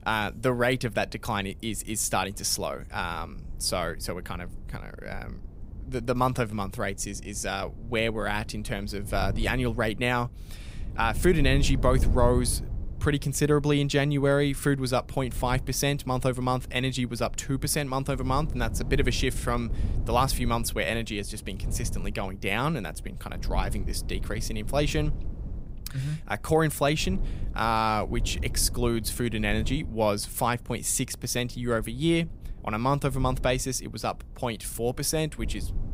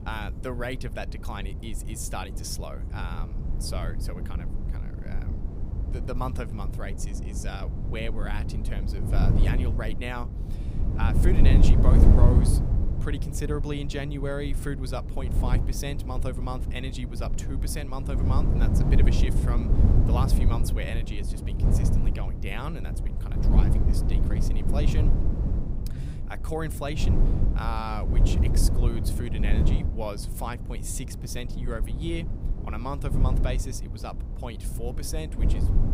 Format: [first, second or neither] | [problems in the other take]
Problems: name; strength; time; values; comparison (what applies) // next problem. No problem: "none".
first | wind noise on the microphone; heavy; 3 dB below the speech; occasional gusts in the first